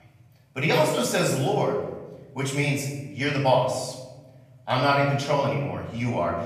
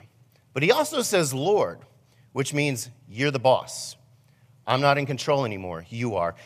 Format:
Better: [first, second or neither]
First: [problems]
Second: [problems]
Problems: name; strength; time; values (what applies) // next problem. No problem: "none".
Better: second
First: off-mic speech; far // room echo; noticeable; dies away in 1 s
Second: none